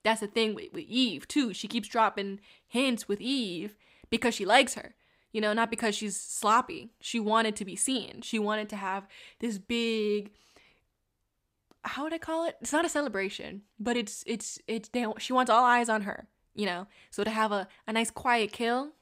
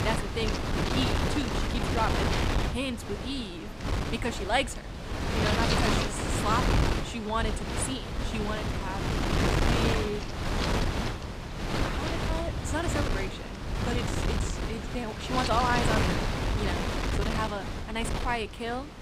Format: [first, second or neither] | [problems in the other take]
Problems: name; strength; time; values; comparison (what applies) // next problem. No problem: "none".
first | wind noise on the microphone; heavy; 1 dB above the speech